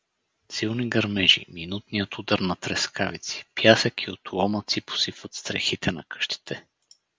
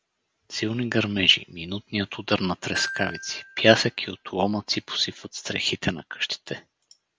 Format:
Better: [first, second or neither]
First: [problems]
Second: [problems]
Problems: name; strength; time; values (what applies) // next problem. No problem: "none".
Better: first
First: none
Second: background sound (Glockenspiel); 14 dB below the speech